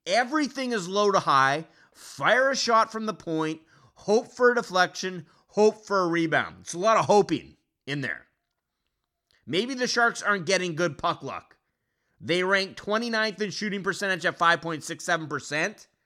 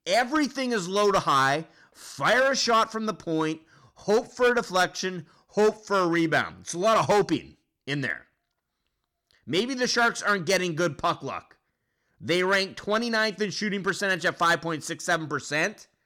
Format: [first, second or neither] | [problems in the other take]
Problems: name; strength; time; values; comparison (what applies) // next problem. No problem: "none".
first | distortion; slight; 4% of the sound clipped